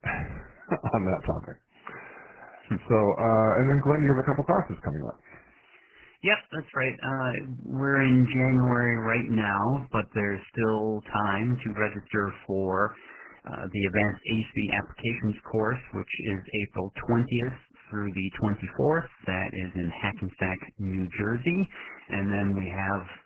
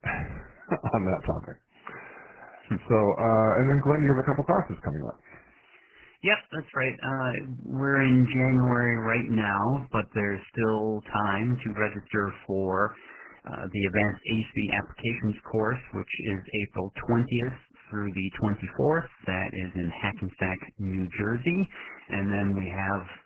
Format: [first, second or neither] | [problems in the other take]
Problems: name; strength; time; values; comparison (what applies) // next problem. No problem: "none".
neither | garbled, watery; badly; nothing above 3 kHz; the same in both